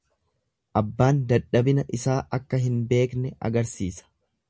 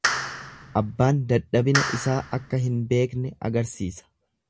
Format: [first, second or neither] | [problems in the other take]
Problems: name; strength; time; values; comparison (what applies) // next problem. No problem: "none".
first | background sound (Clapping); 6 dB below the speech